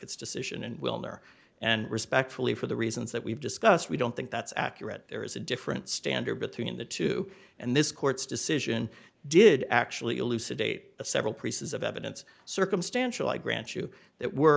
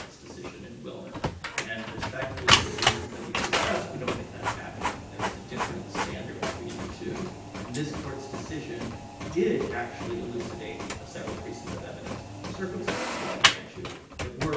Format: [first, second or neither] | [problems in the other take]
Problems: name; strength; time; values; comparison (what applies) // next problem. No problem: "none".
first | background sound (Printer); 4 dB above the speech // room echo; dies away in 0.9 s